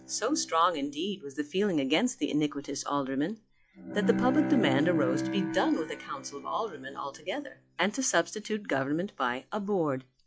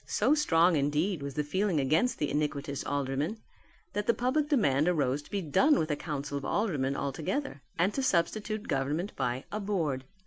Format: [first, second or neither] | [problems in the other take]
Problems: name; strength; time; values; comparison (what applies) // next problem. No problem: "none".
second | noise reduction (classical method log-MMSE)